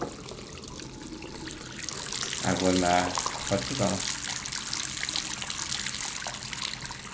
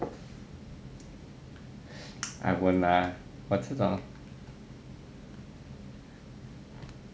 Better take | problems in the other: second | background sound (Liquid); 1 dB below the speech

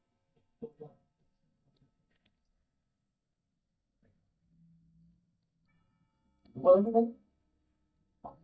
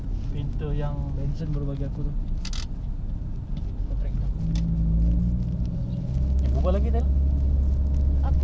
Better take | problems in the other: second | noise reduction (neural mask model DeepFilterNet 3)

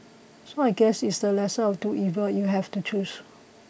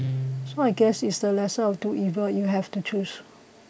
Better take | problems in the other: first | background sound (Guitar); 10 dB below the speech

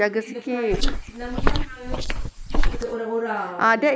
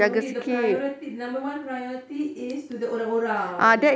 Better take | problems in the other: second | noise reduction (neural mask model Resemble Enhance denoiser)

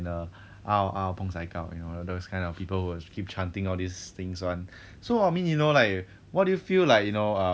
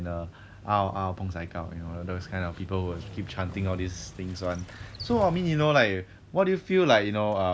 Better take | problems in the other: first | background sound (Motorcycle); 16 dB below the speech

